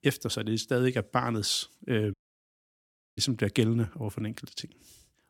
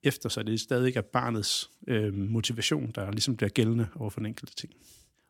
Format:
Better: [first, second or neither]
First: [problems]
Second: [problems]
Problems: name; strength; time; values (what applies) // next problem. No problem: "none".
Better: second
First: audio cutting out; at 2 s for 1 s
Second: none